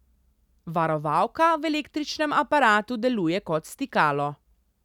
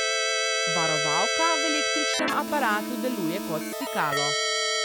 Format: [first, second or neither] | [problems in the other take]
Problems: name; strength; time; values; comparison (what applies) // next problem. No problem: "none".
first | background sound (Keyboard (musical)); 4 dB above the speech